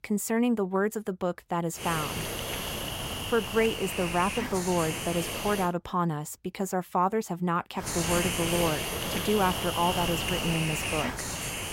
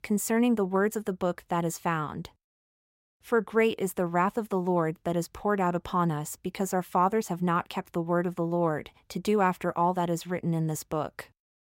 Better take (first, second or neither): second